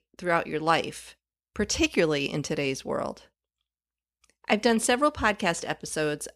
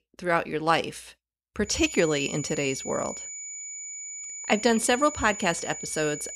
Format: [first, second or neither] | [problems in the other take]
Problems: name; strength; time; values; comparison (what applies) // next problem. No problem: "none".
first | high-pitched whine; loud; from 1.5 s on; 7 kHz, 9 dB below the speech